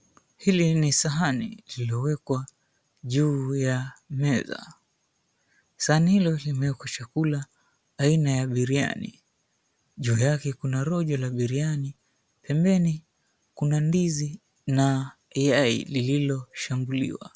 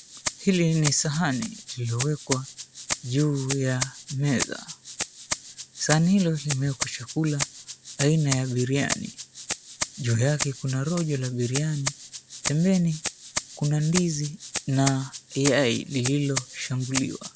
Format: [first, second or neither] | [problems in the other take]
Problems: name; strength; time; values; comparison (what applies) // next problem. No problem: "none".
first | background sound (Rattle (instrument)); 8 dB below the speech